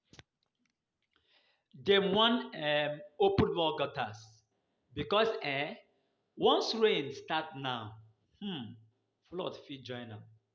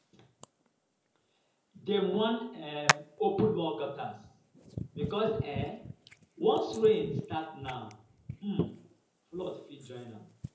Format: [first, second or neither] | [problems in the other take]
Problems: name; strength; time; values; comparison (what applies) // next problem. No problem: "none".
first | background sound (Hands); 6 dB below the speech // room echo; dies away in 0.6 s